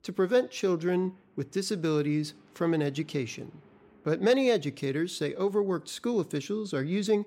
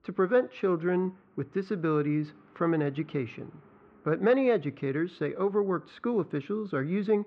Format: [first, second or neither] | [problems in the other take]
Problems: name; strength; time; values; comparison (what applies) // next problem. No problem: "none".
first | muffled; very; fading above 2.5 kHz